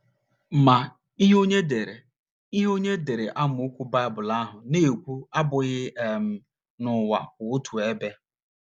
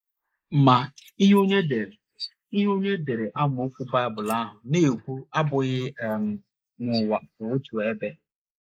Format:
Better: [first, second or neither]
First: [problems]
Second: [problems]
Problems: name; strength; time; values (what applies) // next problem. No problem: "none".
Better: first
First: none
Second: noise reduction (neural mask model Resemble Enhance denoiser)